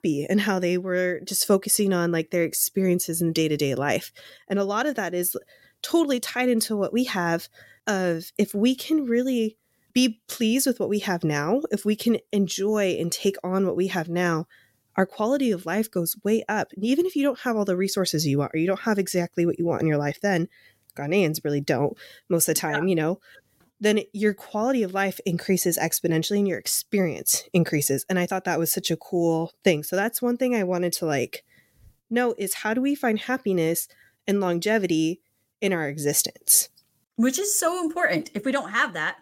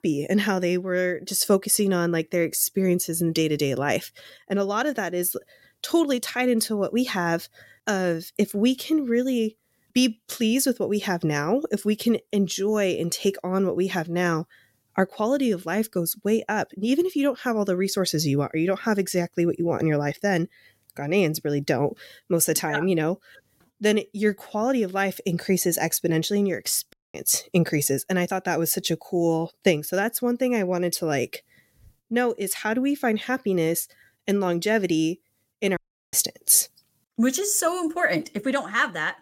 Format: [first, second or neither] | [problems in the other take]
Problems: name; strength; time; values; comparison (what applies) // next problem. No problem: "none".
first | audio cutting out; at 27 s and at 36 s